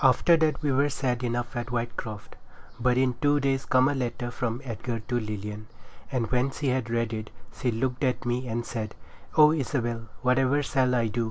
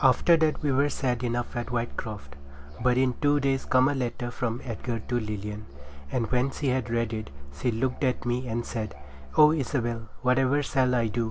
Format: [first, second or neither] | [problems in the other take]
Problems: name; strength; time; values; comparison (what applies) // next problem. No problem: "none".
first | background sound (Musical instrument); 18 dB below the speech